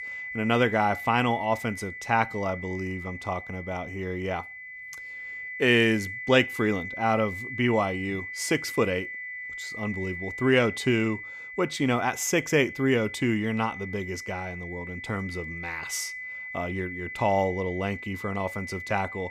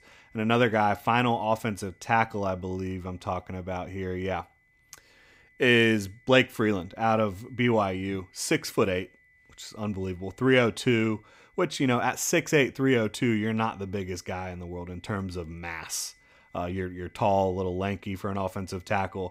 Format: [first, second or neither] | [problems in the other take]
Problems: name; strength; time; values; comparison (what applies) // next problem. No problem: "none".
second | high-pitched whine; loud; throughout; 2 kHz, 9 dB below the speech; faint in the second